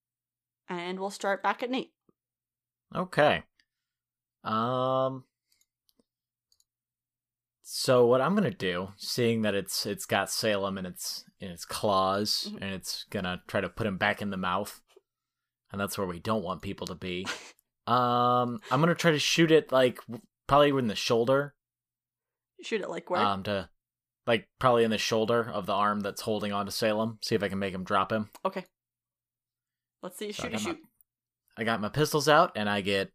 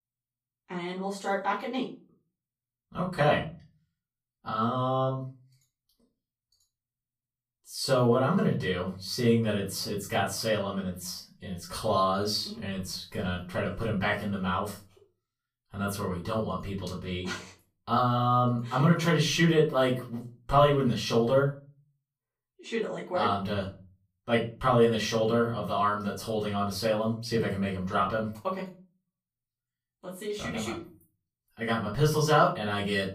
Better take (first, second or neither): first